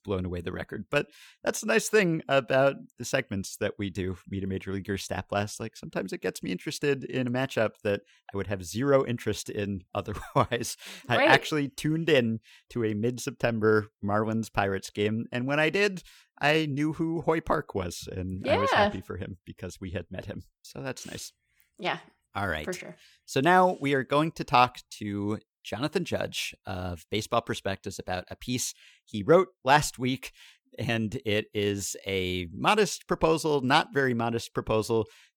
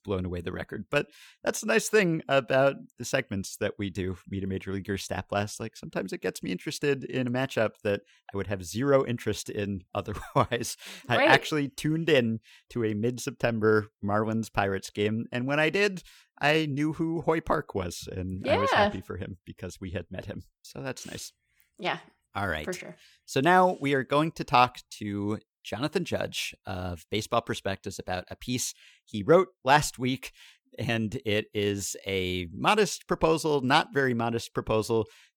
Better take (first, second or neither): neither